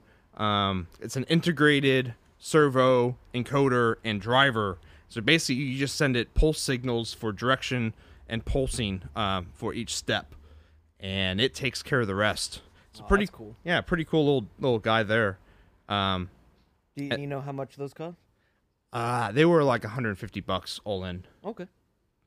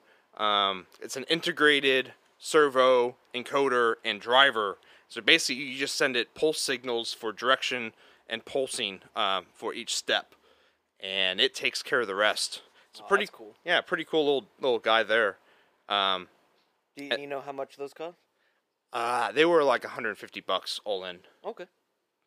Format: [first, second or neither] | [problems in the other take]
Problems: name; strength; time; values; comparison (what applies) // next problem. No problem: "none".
first | thin; somewhat; fading below 450 Hz